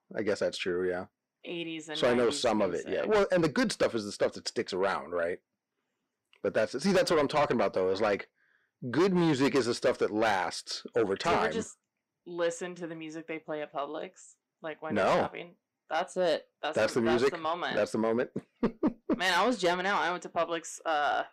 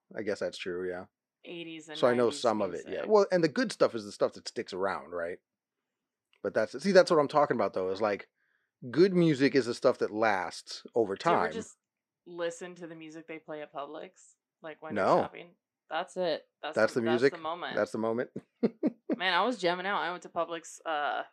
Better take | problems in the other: second | distortion; heavy; 6 dB below the speech

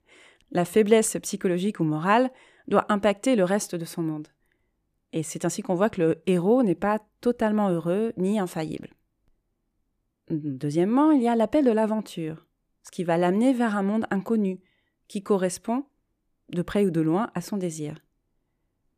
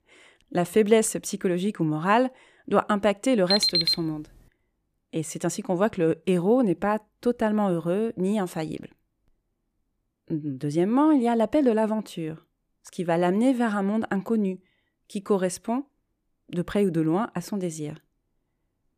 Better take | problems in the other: first | alarm; loud; at 3.5 s; peak 5 dB above the speech

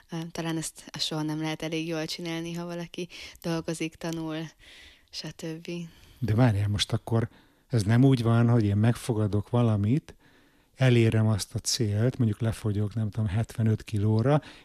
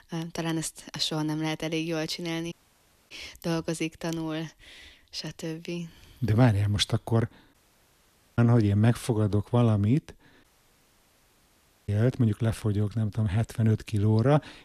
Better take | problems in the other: first | audio cutting out; at 2.5 s for 0.5 s, at 7.5 s for 1 s and at 10 s for 1.5 s

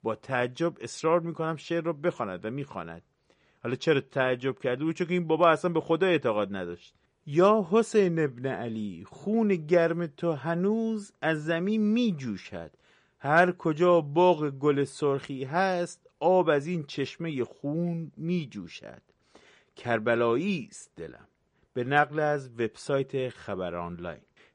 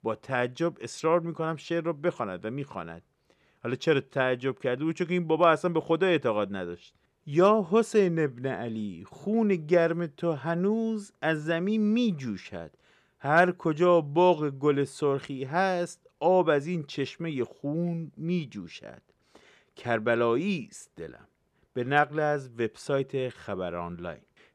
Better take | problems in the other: second | garbled, watery; slightly; nothing above 10 kHz

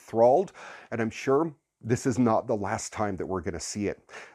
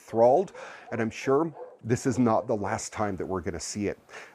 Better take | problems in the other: first | animal sounds; noticeable; throughout; 20 dB below the speech

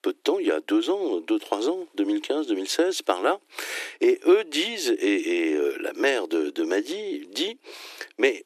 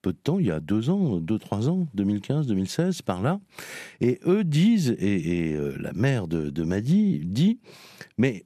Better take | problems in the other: second | thin; very; fading below 300 Hz

